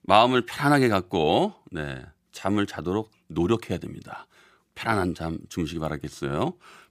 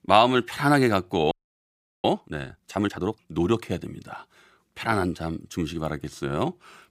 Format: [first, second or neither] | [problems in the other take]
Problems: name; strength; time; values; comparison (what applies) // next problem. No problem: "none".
first | audio freezing; at 1.5 s for 0.5 s